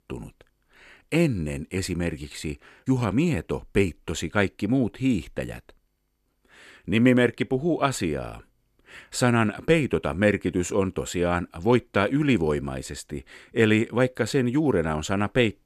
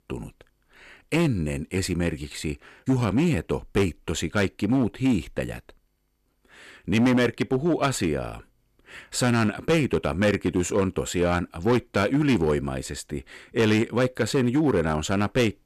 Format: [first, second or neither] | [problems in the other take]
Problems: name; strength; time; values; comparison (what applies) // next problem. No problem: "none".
first | distortion; slight; 6% of the sound clipped